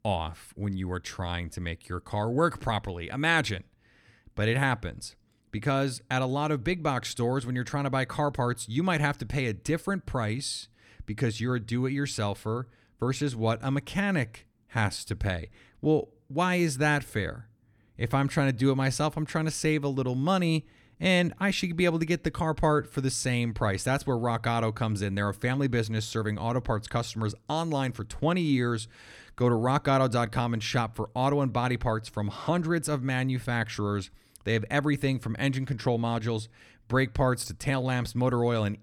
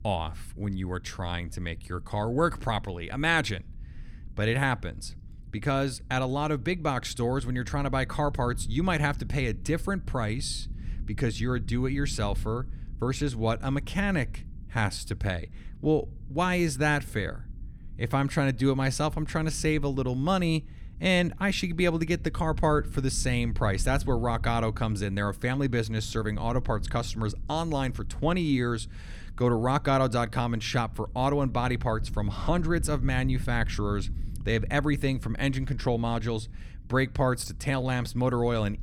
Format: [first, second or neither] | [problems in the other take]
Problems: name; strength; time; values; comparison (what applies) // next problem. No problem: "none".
first | low rumble; faint; throughout; 25 dB below the speech